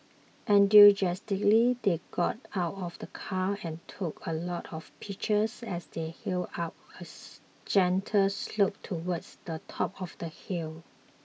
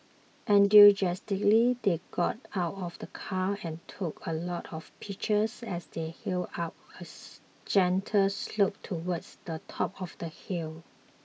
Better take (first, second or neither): first